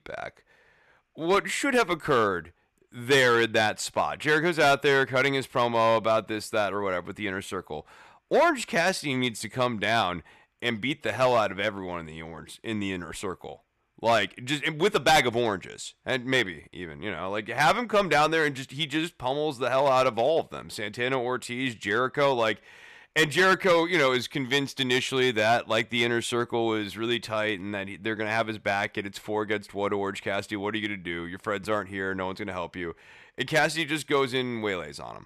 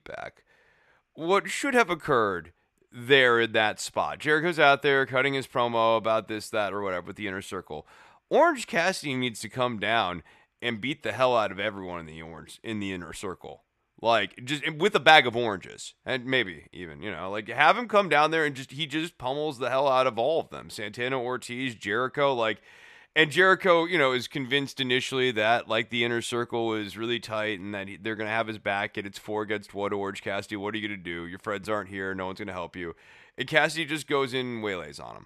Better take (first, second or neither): second